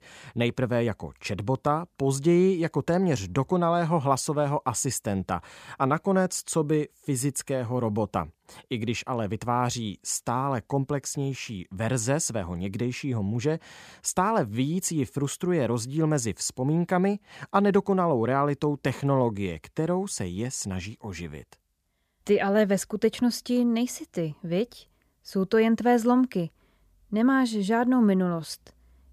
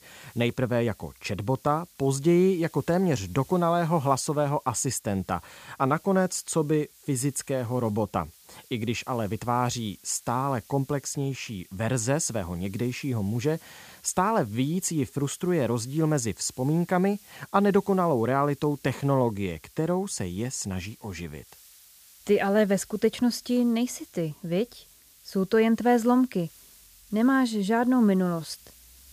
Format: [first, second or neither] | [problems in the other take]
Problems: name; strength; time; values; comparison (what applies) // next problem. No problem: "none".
first | hiss; faint; throughout; 25 dB below the speech